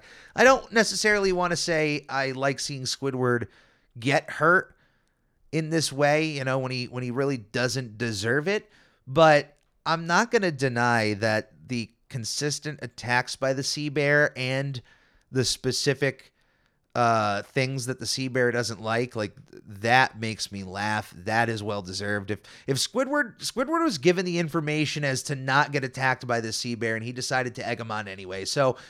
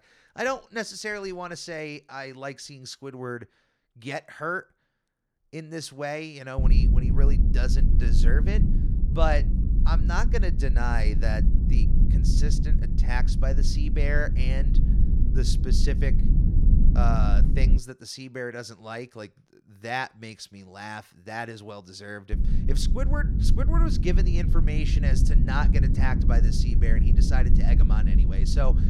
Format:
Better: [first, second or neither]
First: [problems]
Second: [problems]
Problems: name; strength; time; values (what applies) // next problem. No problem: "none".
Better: first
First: none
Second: low rumble; loud; from 6.5 to 18 s and from 22 s on; 6 dB below the speech